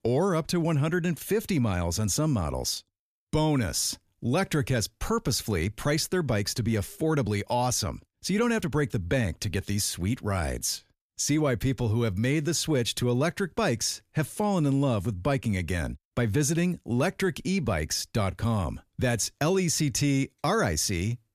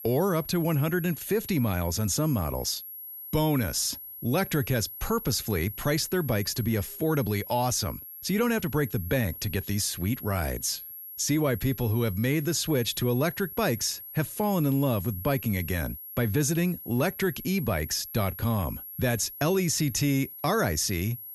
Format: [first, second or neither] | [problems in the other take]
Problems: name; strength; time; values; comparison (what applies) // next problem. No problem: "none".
first | high-pitched whine; noticeable; throughout; 11.5 kHz, 10 dB below the speech